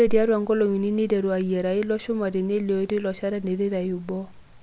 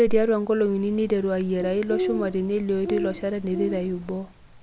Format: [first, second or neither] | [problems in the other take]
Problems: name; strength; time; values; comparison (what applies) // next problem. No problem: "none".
first | background sound (Bird); 9 dB below the speech